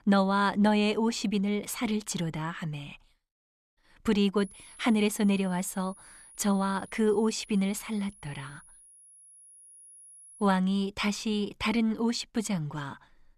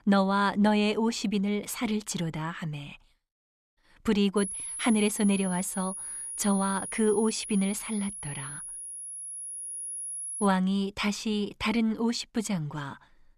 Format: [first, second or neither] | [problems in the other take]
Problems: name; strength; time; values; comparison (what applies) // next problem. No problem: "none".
first | high-pitched whine; loud; from 4.5 to 10 s; 10.5 kHz, 7 dB below the speech; faint in the first